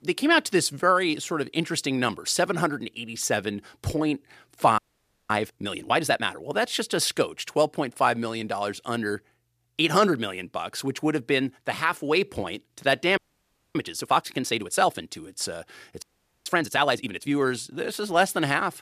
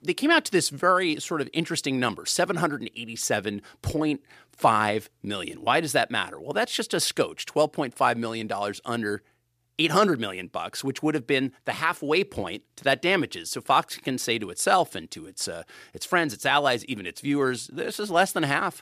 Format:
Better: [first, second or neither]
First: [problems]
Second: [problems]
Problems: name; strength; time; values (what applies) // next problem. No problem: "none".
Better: second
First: audio freezing; at 5 s for 0.5 s, at 13 s for 0.5 s and at 16 s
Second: none